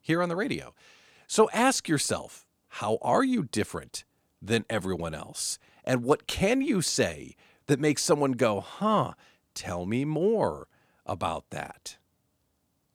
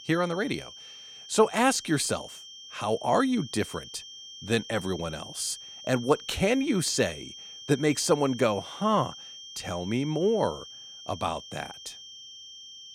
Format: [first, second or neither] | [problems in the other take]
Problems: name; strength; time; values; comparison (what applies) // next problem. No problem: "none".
first | high-pitched whine; noticeable; throughout; 3 kHz, 15 dB below the speech